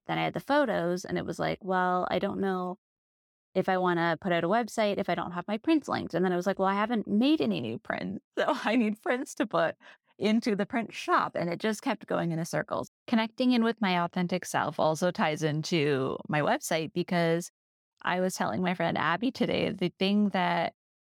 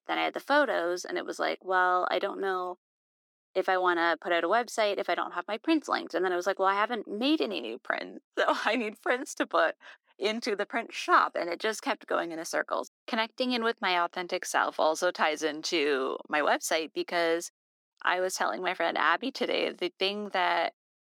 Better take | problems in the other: first | thin; somewhat; fading below 300 Hz

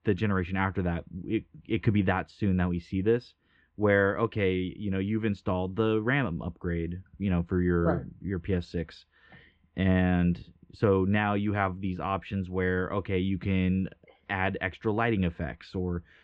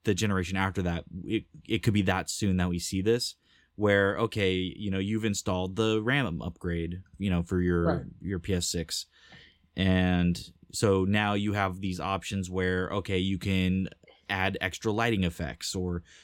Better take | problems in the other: second | muffled; very; fading above 2.5 kHz

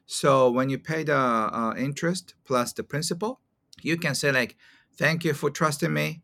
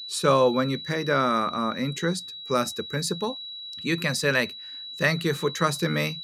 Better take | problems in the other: first | high-pitched whine; noticeable; throughout; 4 kHz, 10 dB below the speech

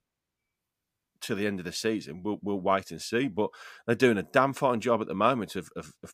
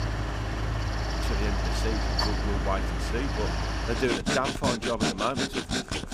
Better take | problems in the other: first | machinery noise; very loud; throughout; 3 dB above the speech

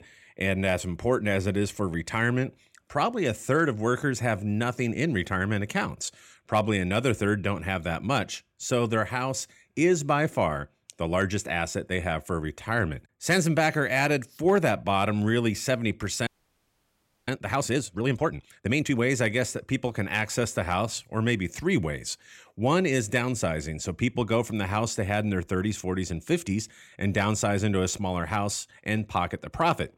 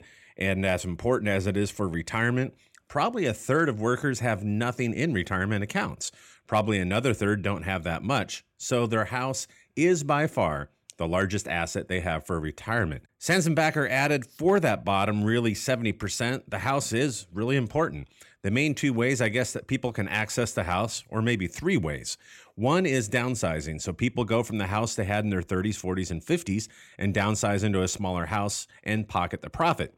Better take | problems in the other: second | audio freezing; at 16 s for 1 s

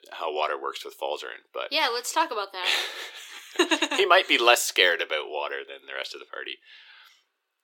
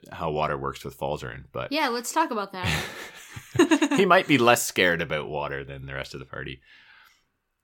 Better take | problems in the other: second | thin; very; fading below 350 Hz

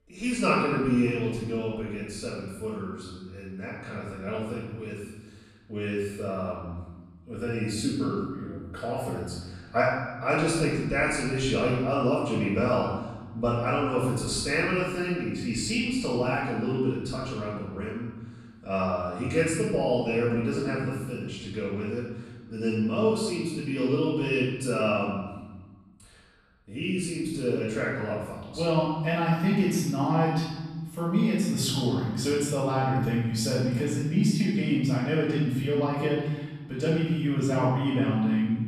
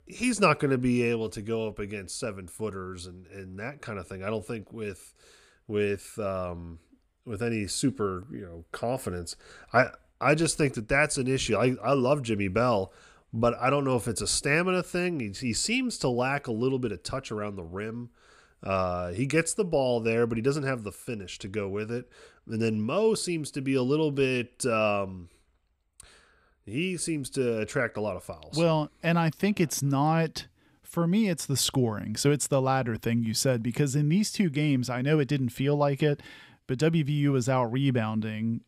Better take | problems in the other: second | off-mic speech; far // room echo; strong; dies away in 1.3 s

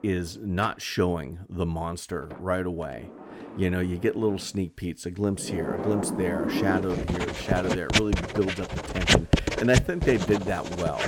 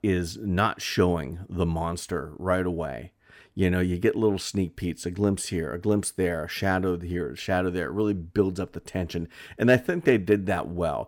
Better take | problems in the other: second | household noises; very loud; throughout; 1 dB above the speech

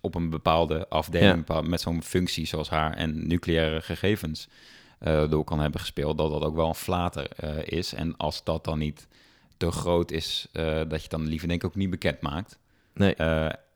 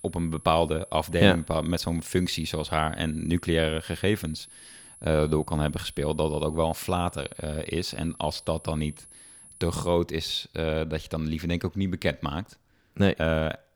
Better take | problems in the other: first | high-pitched whine; noticeable; until 10 s; 10.5 kHz, 20 dB below the speech

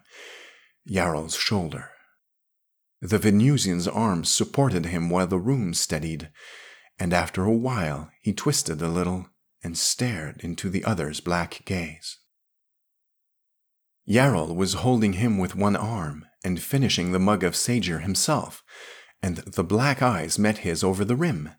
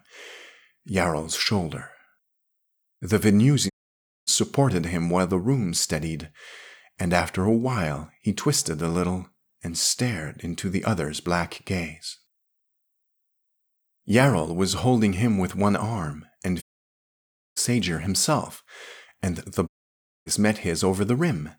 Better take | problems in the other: first | audio cutting out; at 3.5 s for 0.5 s, at 17 s for 1 s and at 20 s for 0.5 s

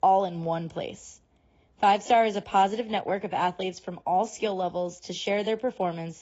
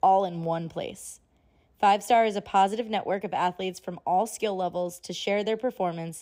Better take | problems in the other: second | garbled, watery; badly; nothing above 7.5 kHz

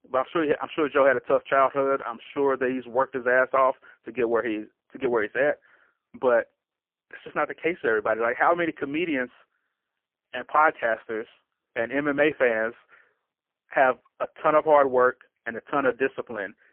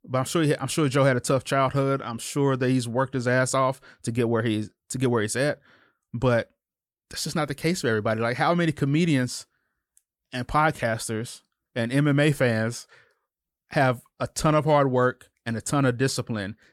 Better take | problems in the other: second | phone-call audio; poor line

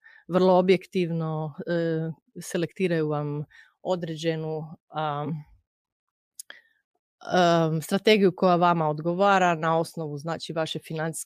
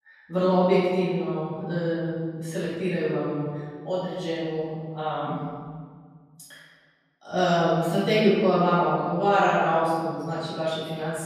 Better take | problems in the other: first | room echo; strong; dies away in 1.5 s // off-mic speech; far

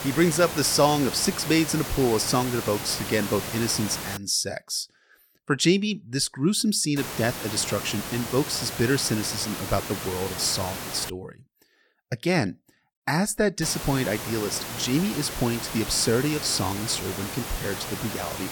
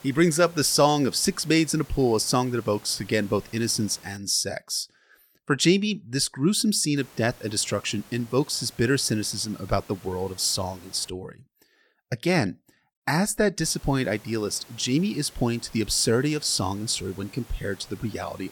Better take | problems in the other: second | hiss; loud; until 4 s, from 7 to 11 s and from 14 s on; 7 dB below the speech; faint in the second

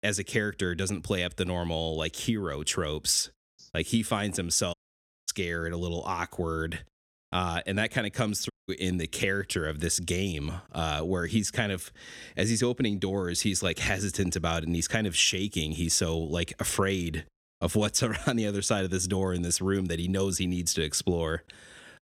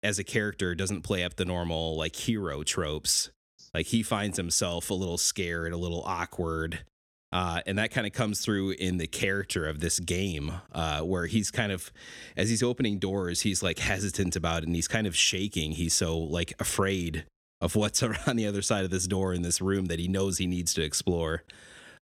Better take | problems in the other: second | audio cutting out; at 4.5 s for 0.5 s and at 8.5 s

